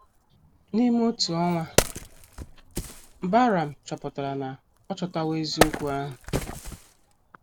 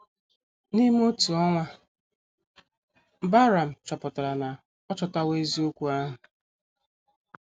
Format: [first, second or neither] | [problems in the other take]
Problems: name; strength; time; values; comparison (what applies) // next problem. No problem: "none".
second | background sound (Wood); 4 dB below the speech